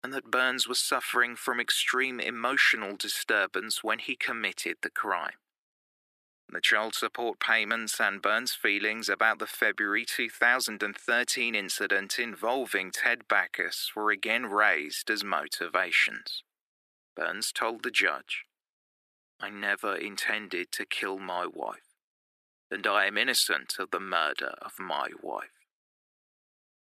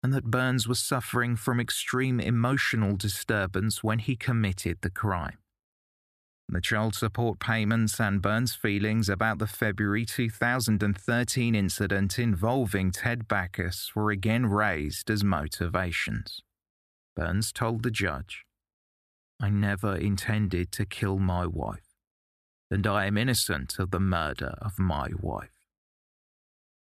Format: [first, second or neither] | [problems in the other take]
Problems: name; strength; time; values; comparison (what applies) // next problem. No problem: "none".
second | thin; very; fading below 350 Hz